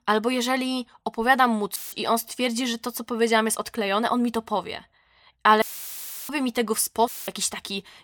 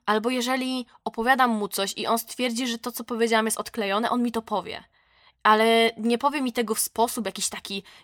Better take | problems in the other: second | audio cutting out; filled with static; at 2 s, at 5.5 s for 0.5 s and at 7 s

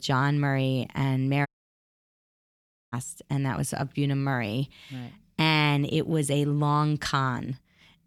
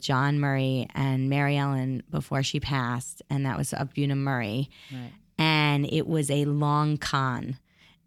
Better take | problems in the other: second | audio cutting out; at 1.5 s for 1.5 s

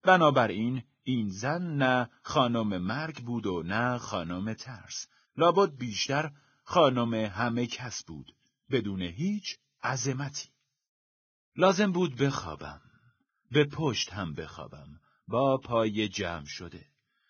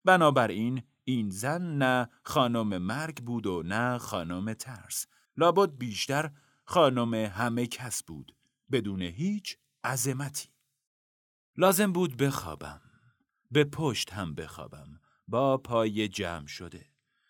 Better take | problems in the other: second | garbled, watery; badly; nothing above 6.5 kHz

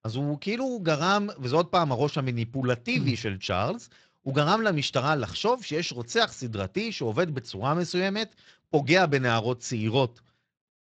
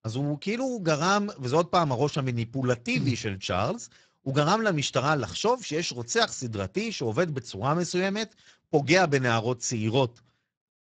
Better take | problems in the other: first | garbled, watery; badly; nothing above 7.5 kHz; slightly in the first

